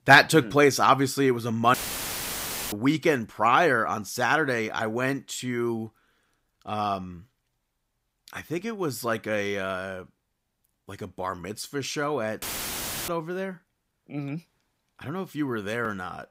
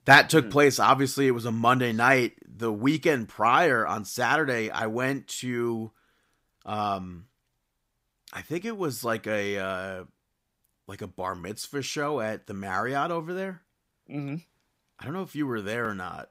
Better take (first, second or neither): second